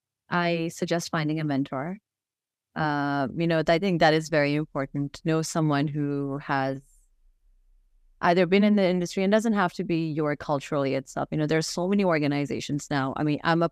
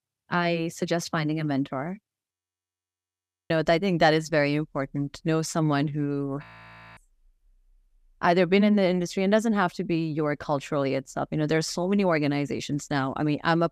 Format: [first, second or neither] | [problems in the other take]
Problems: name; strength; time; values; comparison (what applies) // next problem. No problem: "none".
first | audio freezing; at 2.5 s for 1 s and at 6.5 s for 0.5 s